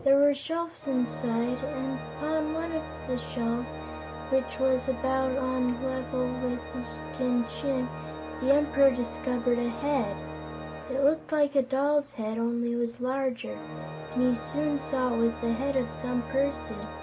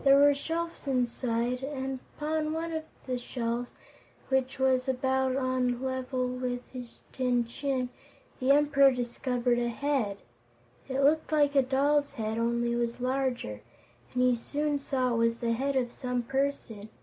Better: second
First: background sound (Organ); 10 dB below the speech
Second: none

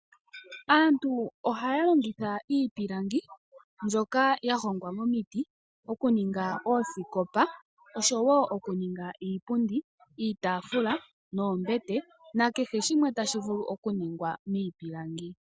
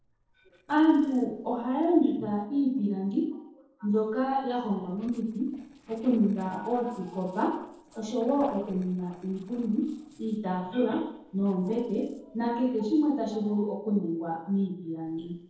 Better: first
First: none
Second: noise reduction (neural separator model SepFormer DNS4)

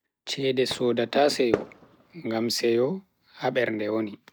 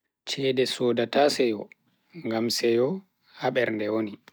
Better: second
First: background sound (Fireworks); 12 dB below the speech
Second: none

